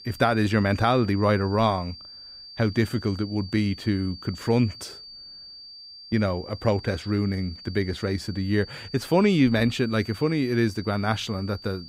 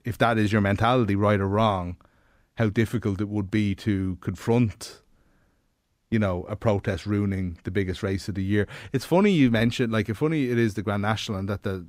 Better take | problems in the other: second | high-pitched whine; noticeable; throughout; 4.5 kHz, 15 dB below the speech

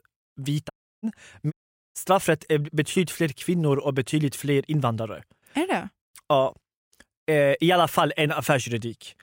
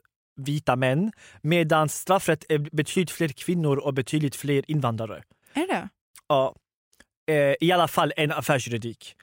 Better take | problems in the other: second | audio cutting out; at 0.5 s and at 1.5 s

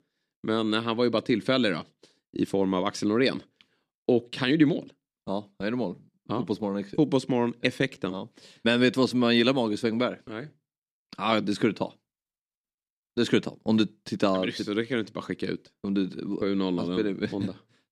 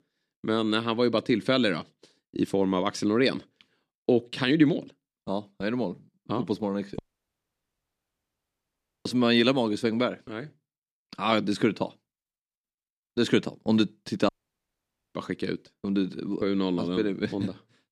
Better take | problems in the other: first | audio cutting out; at 7 s for 2 s and at 14 s for 1 s

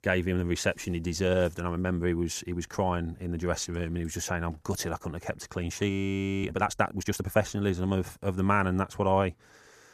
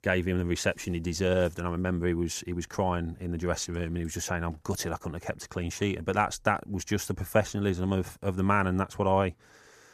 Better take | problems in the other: second | audio freezing; at 6 s for 0.5 s

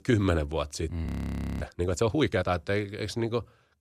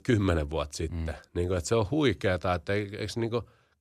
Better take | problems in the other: second | audio freezing; at 1 s for 0.5 s

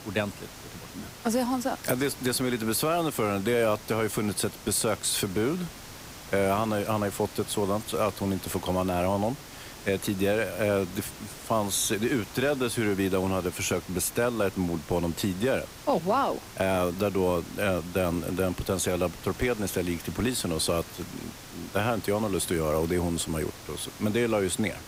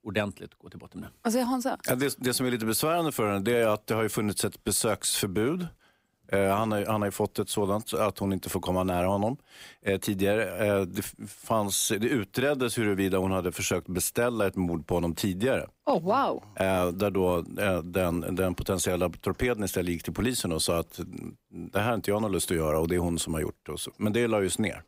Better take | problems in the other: second | hiss; noticeable; throughout; 15 dB below the speech

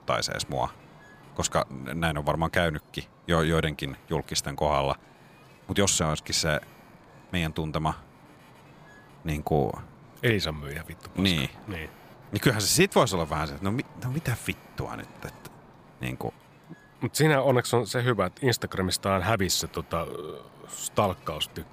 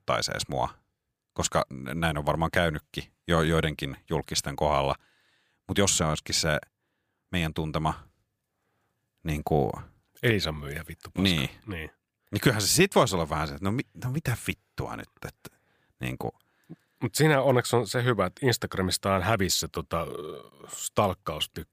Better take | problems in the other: second | wind noise on the microphone; occasional gusts; 25 dB below the speech

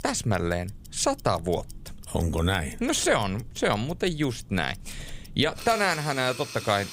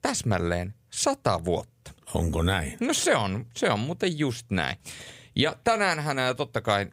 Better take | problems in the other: second | household noises; noticeable; throughout; 15 dB below the speech

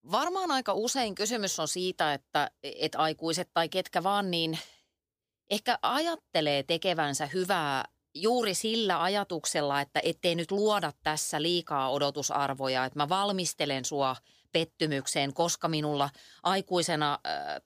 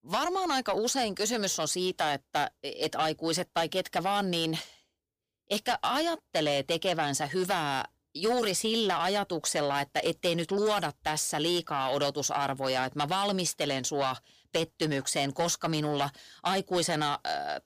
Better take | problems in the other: first | distortion; slight; 10 dB below the speech

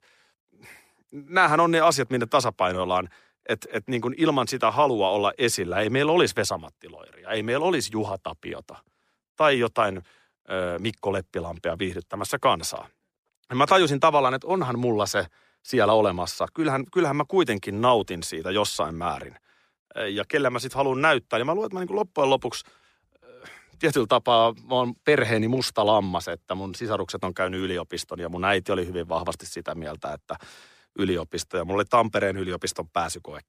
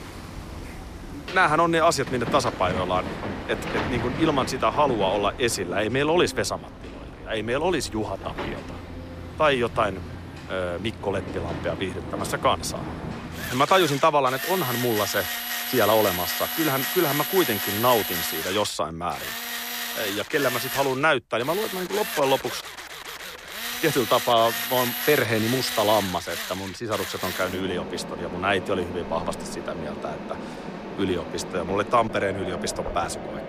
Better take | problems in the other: first | machinery noise; loud; throughout; 6 dB below the speech

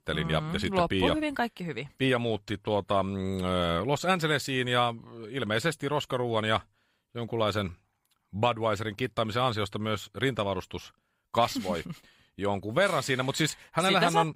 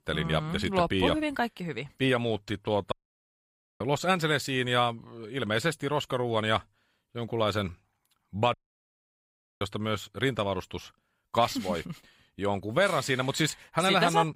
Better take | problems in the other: first | audio cutting out; at 3 s for 1 s and at 8.5 s for 1 s

